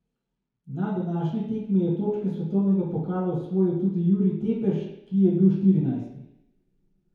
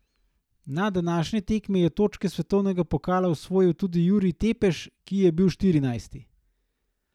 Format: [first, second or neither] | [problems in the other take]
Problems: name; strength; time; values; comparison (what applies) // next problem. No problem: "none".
second | room echo; dies away in 0.9 s